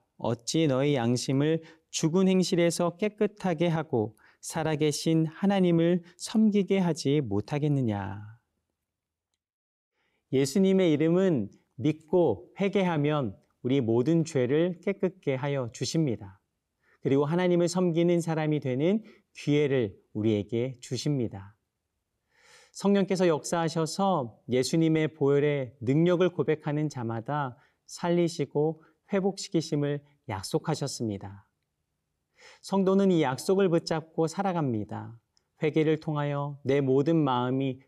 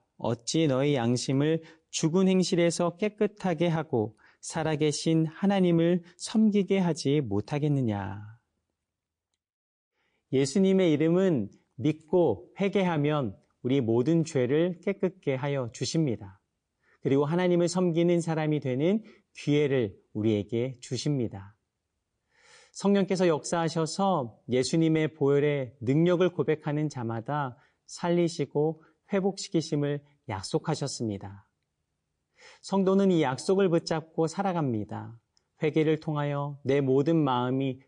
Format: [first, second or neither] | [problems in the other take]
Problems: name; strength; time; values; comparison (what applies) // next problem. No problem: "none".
first | garbled, watery; slightly; nothing above 9.5 kHz